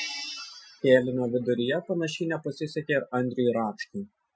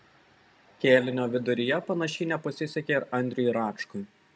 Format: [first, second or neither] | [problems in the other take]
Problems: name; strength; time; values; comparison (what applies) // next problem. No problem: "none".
second | noise reduction (classical method Wiener filter)